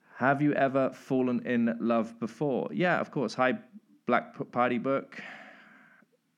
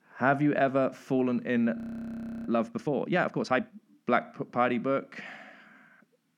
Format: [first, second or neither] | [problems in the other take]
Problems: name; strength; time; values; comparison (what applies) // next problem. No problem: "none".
first | audio freezing; at 2 s for 0.5 s